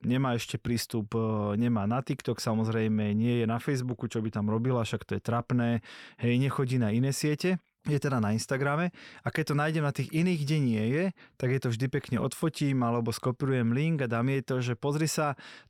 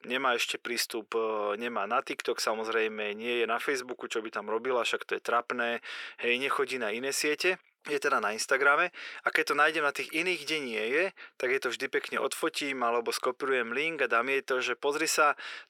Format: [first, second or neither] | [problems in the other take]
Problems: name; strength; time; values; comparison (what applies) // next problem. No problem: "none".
first | thin; very; fading below 400 Hz